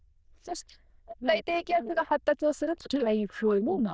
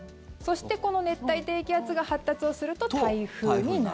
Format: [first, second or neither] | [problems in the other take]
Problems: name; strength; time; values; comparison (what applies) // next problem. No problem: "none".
second | noise reduction (neural diffusion model UNIVERSE++)